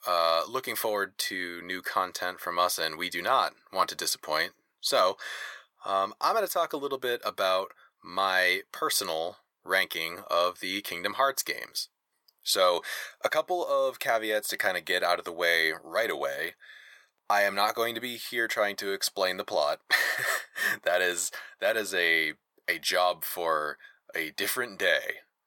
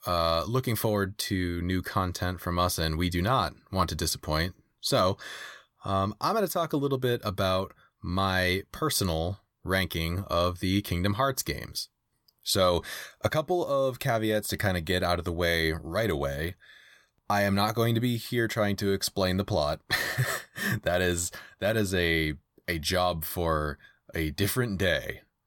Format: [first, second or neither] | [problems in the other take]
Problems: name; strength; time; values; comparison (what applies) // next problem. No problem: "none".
second | thin; very; fading below 600 Hz